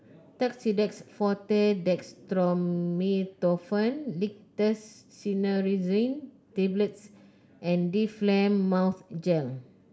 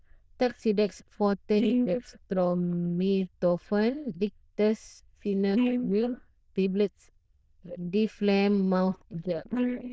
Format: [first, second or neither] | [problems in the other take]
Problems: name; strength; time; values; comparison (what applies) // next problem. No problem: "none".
first | noise reduction (neural diffusion model UNIVERSE++)